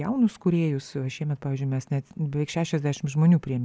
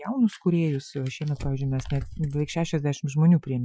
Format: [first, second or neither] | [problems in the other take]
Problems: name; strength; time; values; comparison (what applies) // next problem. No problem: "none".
first | noise reduction (classical method Wiener filter)